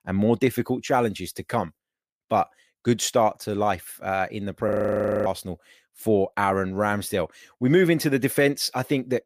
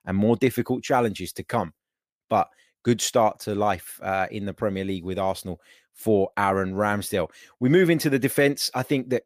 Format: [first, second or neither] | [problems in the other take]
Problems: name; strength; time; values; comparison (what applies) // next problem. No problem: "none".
second | audio freezing; at 4.5 s for 0.5 s